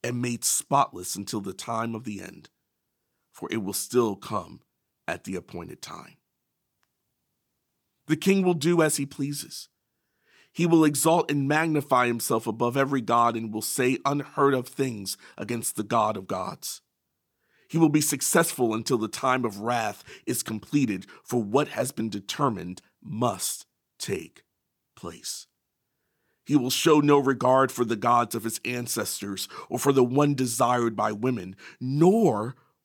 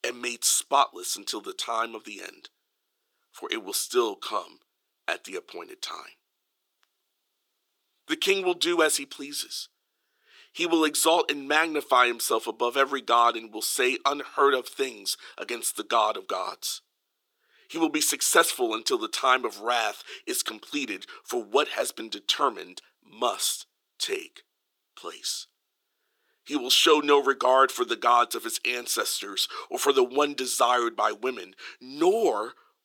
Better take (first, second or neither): first